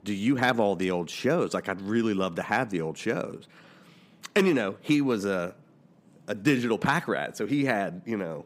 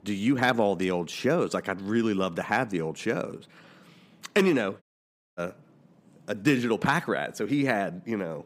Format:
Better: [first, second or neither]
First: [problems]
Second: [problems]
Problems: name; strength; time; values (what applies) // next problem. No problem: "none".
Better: first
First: none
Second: audio cutting out; at 5 s for 0.5 s